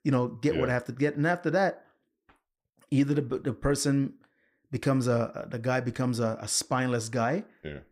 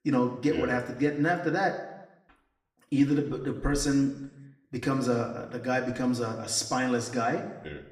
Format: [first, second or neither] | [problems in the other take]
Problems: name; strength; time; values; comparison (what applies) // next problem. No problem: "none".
first | room echo; slight; dies away in 0.8 s // off-mic speech; somewhat distant